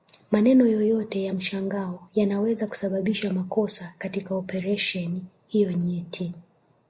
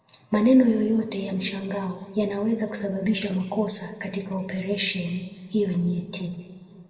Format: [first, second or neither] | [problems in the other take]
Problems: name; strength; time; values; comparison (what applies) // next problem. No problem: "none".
first | room echo; dies away in 1.5 s